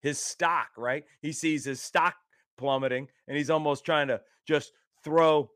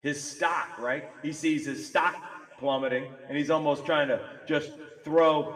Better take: first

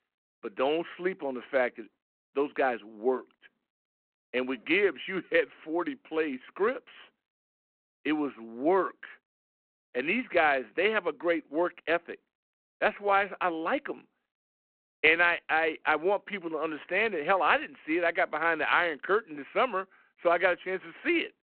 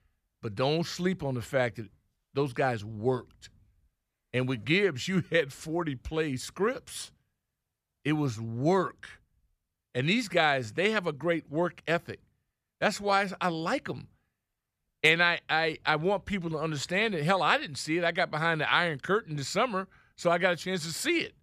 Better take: second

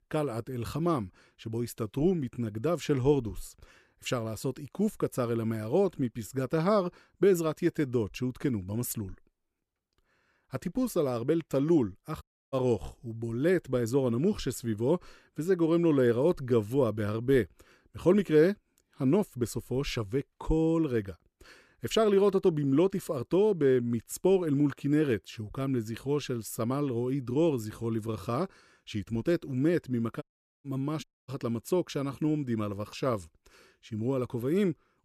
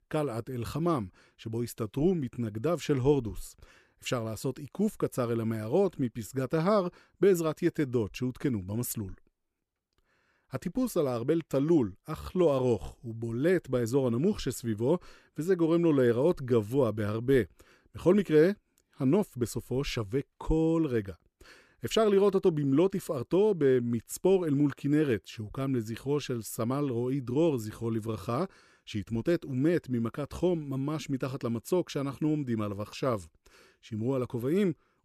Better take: second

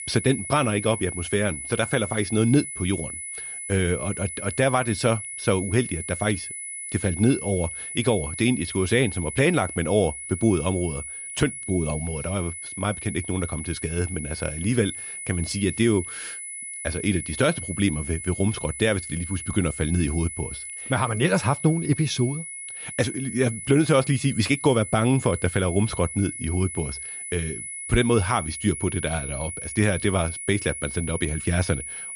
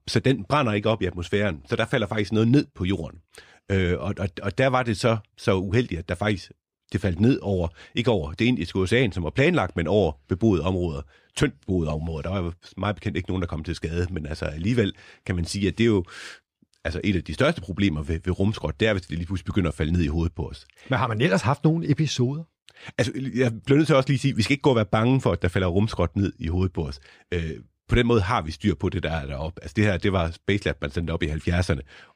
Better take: second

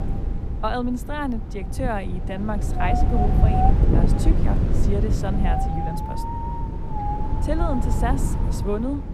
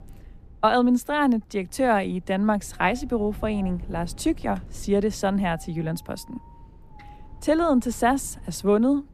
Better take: second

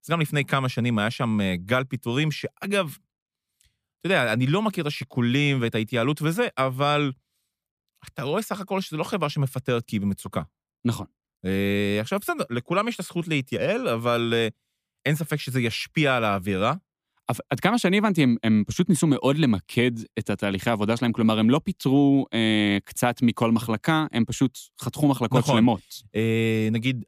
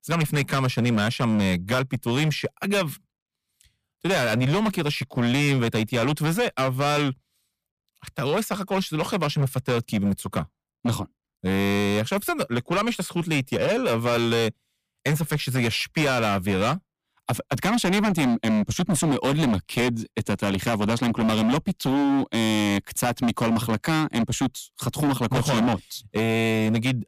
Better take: first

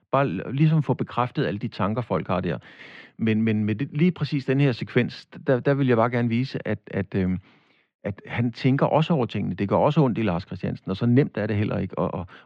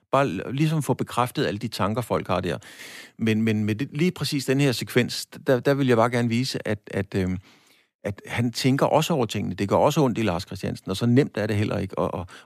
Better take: second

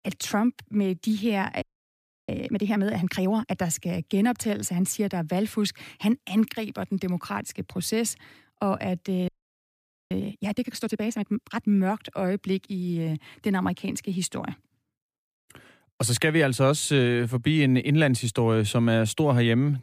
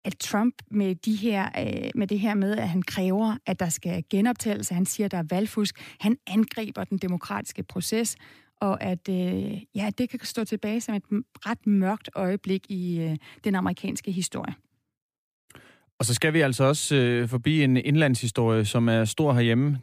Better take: second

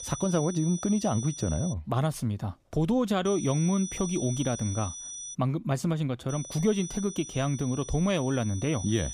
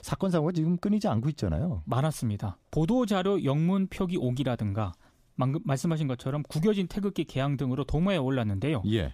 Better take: second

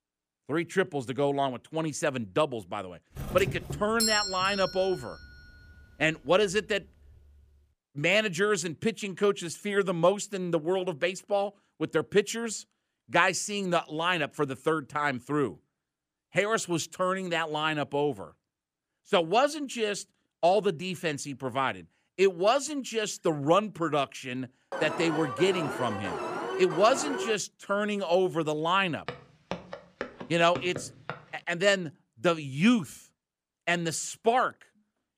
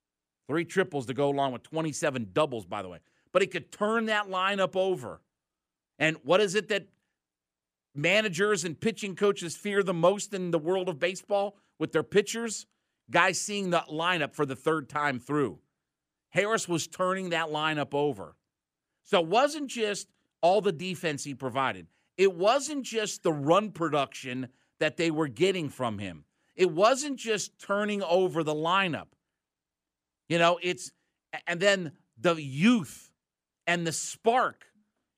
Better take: second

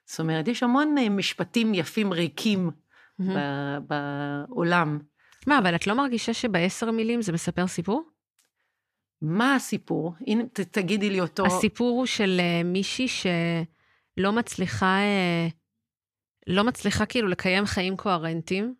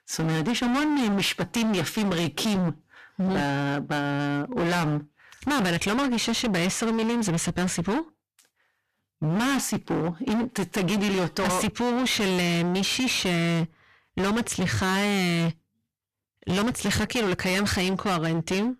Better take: first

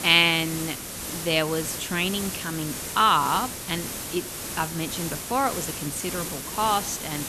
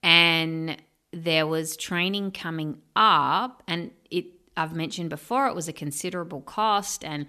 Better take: second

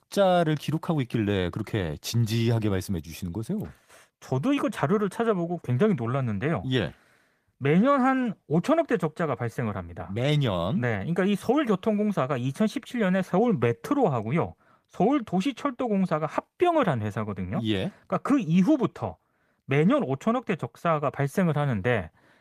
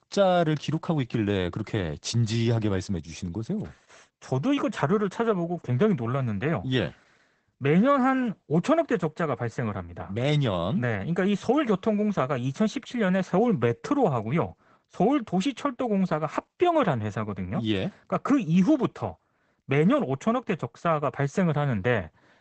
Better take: first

